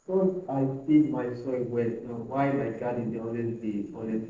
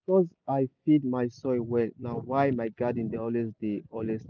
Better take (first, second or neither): second